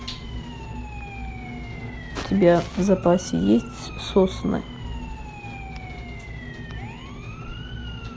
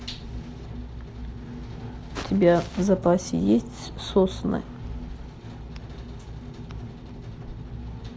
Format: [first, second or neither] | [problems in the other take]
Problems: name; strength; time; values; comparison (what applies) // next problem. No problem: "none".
second | background sound (Siren); 18 dB below the speech